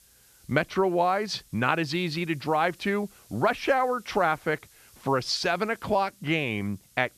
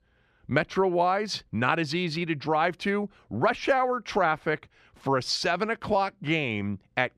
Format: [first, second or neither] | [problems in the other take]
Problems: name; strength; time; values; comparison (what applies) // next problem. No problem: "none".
second | hiss; faint; throughout; 25 dB below the speech